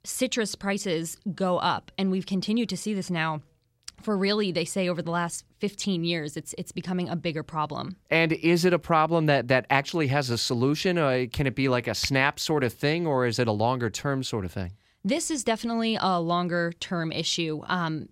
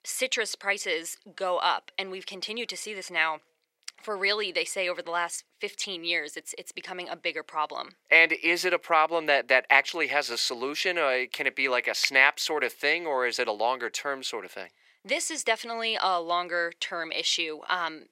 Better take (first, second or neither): first